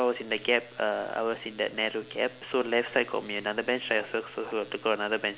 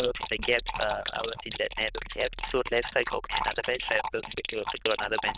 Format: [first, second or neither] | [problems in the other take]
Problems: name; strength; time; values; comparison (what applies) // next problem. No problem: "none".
first | noise reduction (neural diffusion model UNIVERSE++)